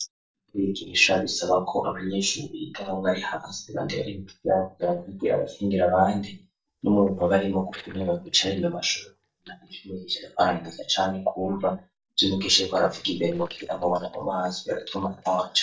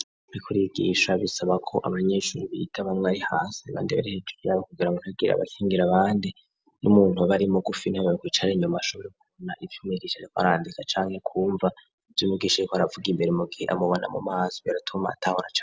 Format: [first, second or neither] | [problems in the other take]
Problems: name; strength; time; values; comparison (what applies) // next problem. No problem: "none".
second | noise reduction (neural mask model DeepFilterNet 3)